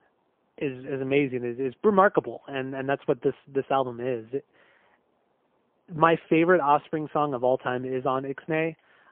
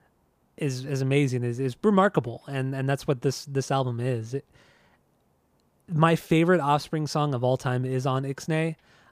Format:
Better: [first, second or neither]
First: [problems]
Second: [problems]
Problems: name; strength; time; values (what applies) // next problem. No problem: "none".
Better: second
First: phone-call audio; poor line; nothing above 3 kHz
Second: none